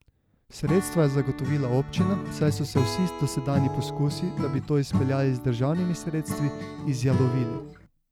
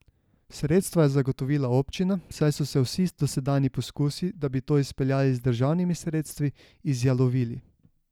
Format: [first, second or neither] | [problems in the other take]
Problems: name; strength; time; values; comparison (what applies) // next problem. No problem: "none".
second | background sound (Acoustic guitar / Strum); 5 dB below the speech